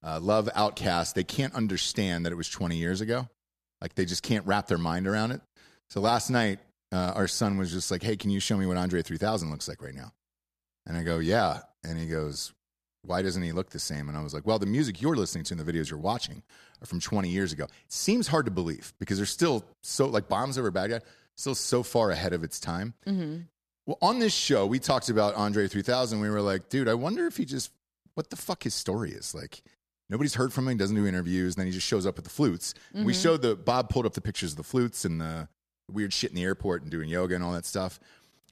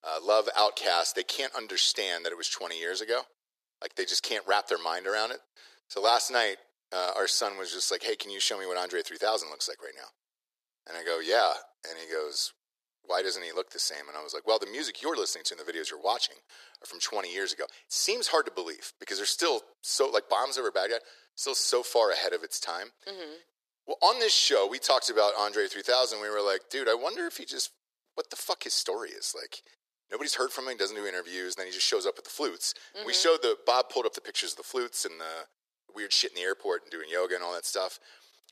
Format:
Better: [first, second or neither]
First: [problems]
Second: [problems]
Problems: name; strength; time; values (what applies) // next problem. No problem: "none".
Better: first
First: none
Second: thin; very; fading below 400 Hz